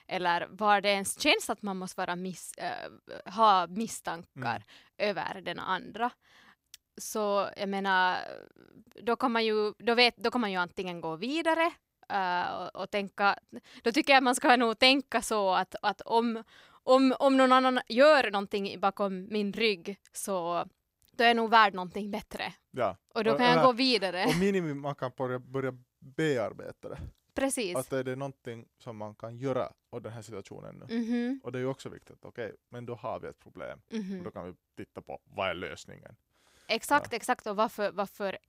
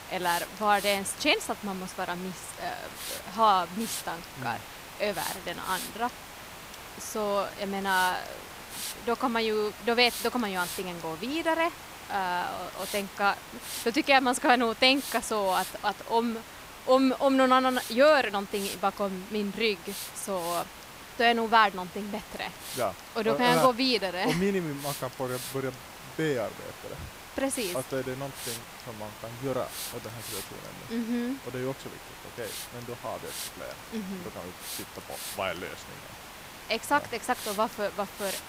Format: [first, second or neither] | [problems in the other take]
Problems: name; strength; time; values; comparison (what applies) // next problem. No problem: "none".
first | hiss; noticeable; throughout; 10 dB below the speech